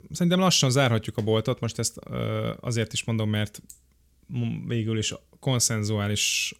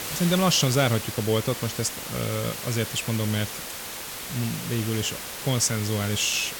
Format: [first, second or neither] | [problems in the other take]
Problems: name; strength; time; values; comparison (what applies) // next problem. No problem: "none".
first | hiss; loud; throughout; 7 dB below the speech